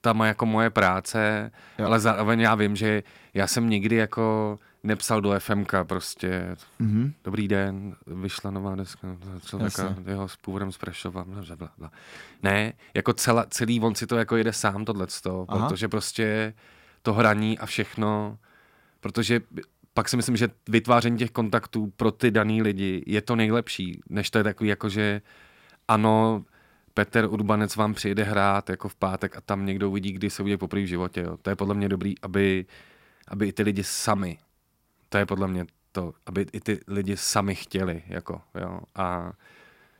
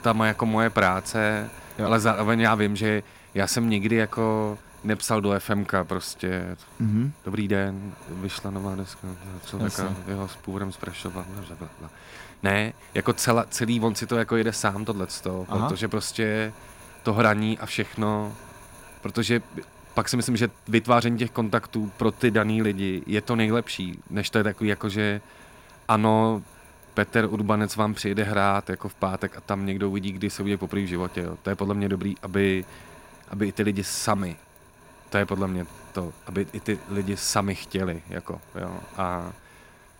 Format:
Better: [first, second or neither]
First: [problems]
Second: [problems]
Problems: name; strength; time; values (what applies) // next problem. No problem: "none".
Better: first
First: none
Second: wind noise on the microphone; occasional gusts; 20 dB below the speech